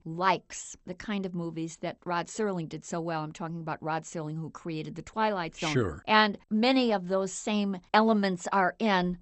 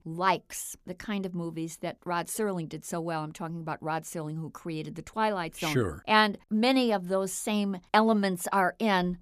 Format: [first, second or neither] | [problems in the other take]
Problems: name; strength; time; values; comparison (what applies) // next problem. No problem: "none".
second | garbled, watery; slightly; nothing above 8 kHz